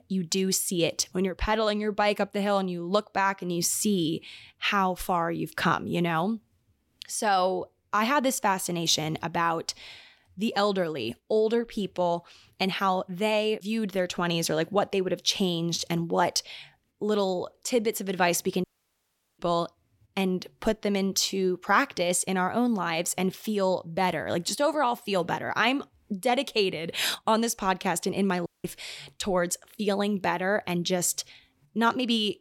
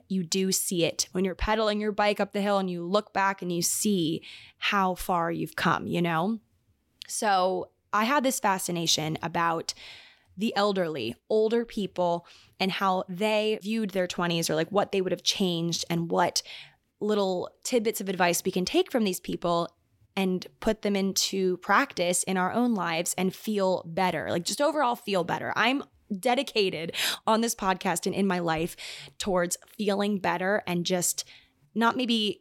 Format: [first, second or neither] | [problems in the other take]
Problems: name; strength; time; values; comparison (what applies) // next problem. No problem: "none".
second | audio cutting out; at 19 s for 1 s and at 28 s